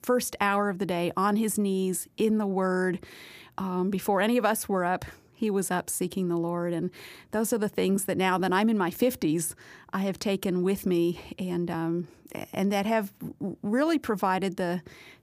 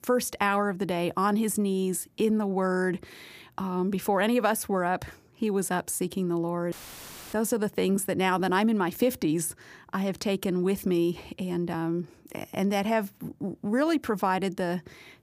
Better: first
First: none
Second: audio cutting out; filled with static; at 6.5 s for 0.5 s

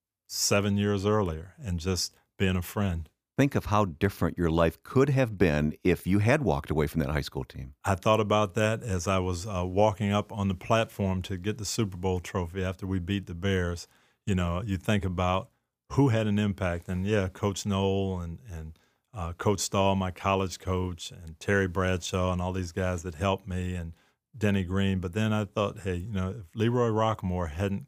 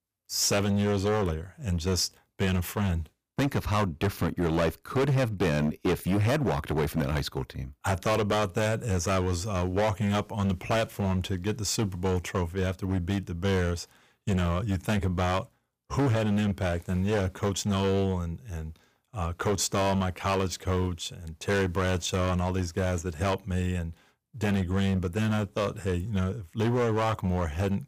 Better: first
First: none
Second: distortion; heavy; 12% of the sound clipped

